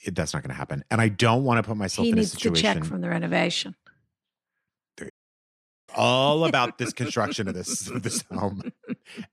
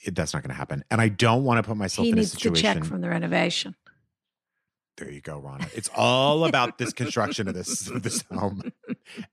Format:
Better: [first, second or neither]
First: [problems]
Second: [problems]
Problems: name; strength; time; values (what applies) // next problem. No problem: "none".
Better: second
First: audio cutting out; at 5 s for 1 s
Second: none